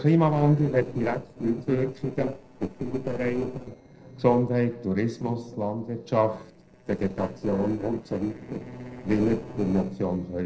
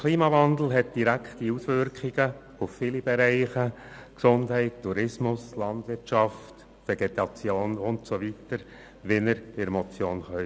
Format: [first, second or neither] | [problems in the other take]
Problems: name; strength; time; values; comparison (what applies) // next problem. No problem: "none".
second | noise reduction (neural separator model SepFormer DNS4)